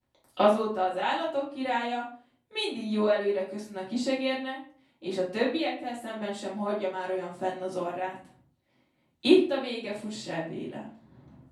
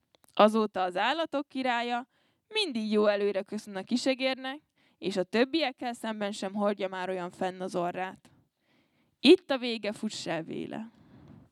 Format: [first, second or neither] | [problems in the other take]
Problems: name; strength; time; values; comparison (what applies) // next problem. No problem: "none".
second | room echo; slight; dies away in 0.4 s // off-mic speech; far